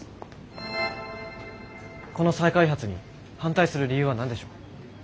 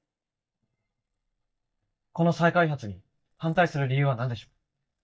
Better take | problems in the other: first | noise reduction (neural mask model DeepFilterNet 3)

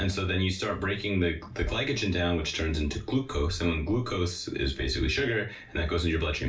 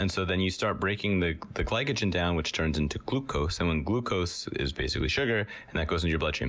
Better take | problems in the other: second | room echo; dies away in 0.3 s

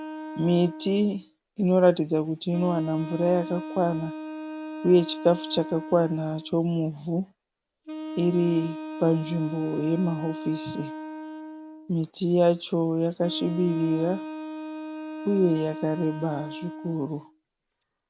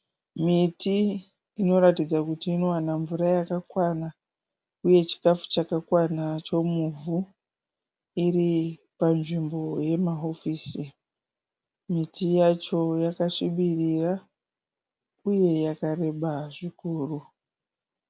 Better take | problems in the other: second | background sound (Wind instrument, woodwind instrument); 11 dB below the speech

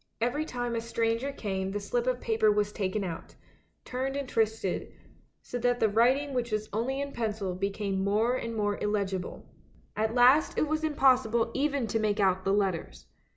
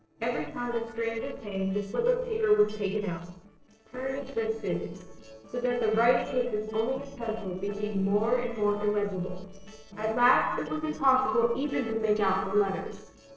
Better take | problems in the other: first | noise reduction (neural separator model SepFormer DNS4)

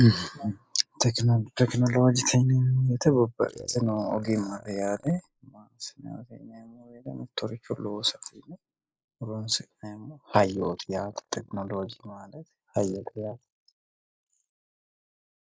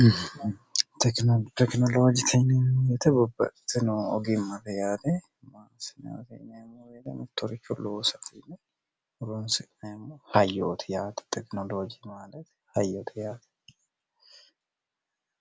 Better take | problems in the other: second | noise reduction (neural mask model Resemble Enhance denoiser)

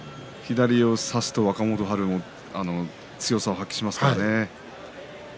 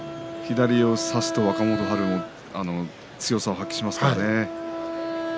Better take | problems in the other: first | background sound (Wind instrument, woodwind instrument); 6 dB below the speech

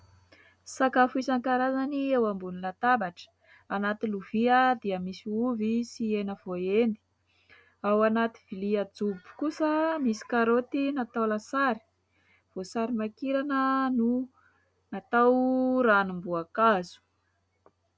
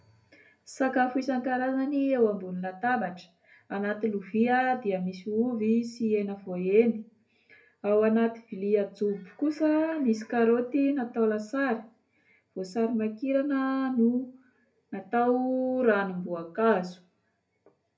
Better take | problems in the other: first | room echo; dies away in 0.3 s

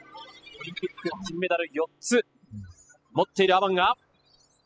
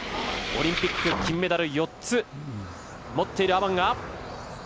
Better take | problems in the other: second | noise reduction (classical method spectral subtraction)

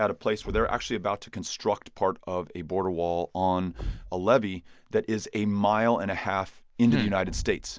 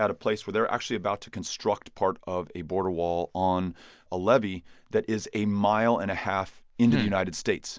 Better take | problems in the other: second | background sound (Thump, thud); 15 dB below the speech

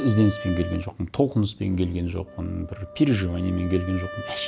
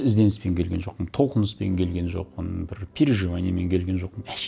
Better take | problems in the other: second | background sound (Wind instrument, woodwind instrument); 15 dB below the speech

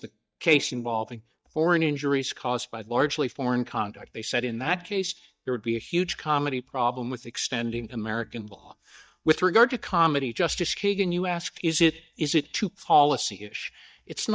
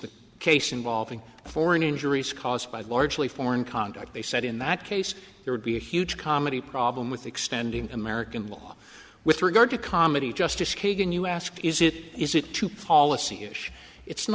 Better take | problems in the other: second | noise reduction (neural mask model DeepFilterNet 3)

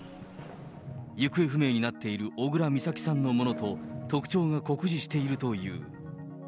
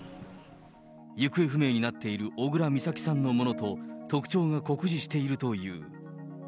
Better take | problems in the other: second | background sound (Fireworks); 15 dB below the speech

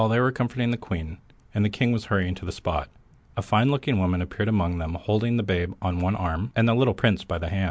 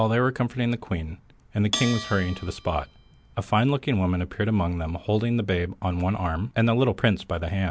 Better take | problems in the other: first | background sound (Bell); 13 dB below the speech

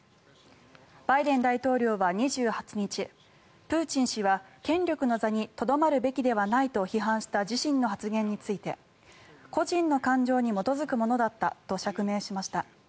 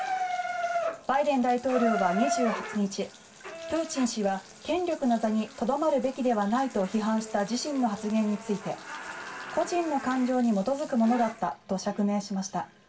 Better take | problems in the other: first | background sound (Bathtub (filling or washing) / Water tap, faucet); 9 dB below the speech // room echo; dies away in 0.2 s

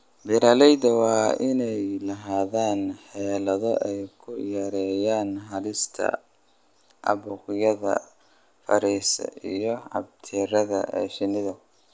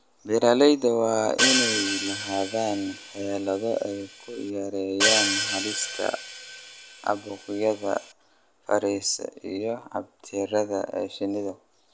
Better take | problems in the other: first | background sound (Hi-hat); 2 dB below the speech

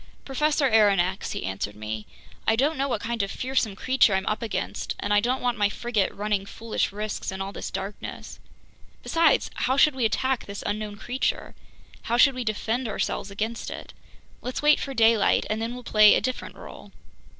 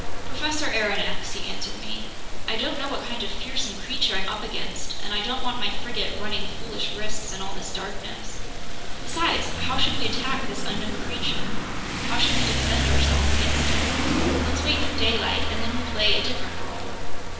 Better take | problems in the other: first | background sound (Rain); 6 dB below the speech // room echo; dies away in 0.9 s

